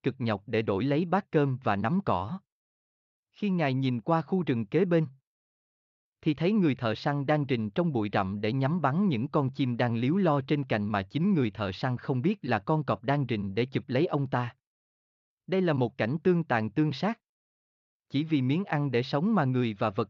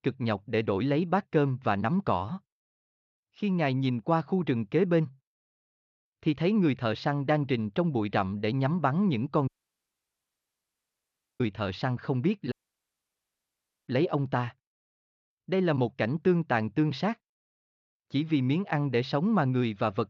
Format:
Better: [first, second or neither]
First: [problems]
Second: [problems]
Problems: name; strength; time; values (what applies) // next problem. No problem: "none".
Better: first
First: none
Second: audio cutting out; at 9.5 s for 2 s and at 13 s for 1.5 s